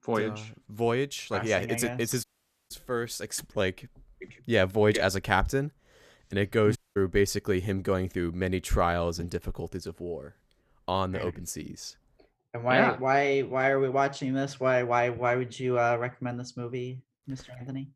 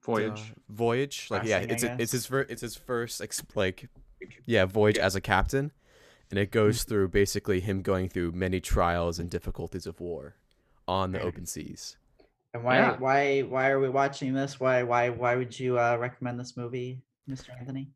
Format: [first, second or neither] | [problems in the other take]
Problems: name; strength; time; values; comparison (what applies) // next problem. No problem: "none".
second | audio cutting out; at 2 s and at 7 s